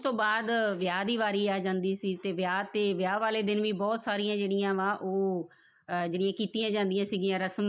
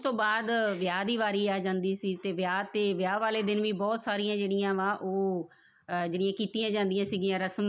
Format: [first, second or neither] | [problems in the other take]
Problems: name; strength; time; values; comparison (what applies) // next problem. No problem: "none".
second | noise reduction (neural mask model Resemble Enhance denoiser)